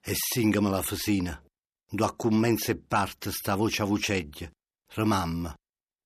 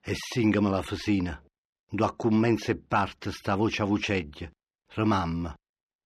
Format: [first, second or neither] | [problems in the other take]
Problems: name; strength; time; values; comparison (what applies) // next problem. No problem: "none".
first | muffled; very slightly; fading above 3.5 kHz